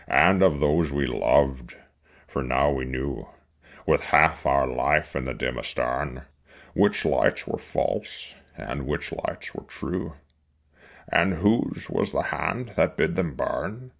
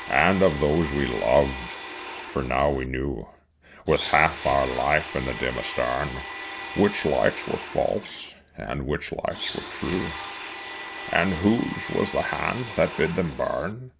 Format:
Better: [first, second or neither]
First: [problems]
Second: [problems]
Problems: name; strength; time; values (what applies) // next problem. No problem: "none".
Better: first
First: none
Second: background sound (Domestic sounds, home sounds); 11 dB below the speech